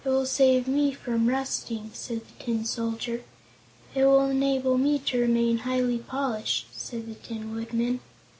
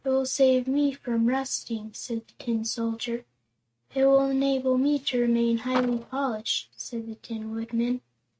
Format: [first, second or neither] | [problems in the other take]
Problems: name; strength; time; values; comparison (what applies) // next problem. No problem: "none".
first | noise reduction (neural mask model RNNoise)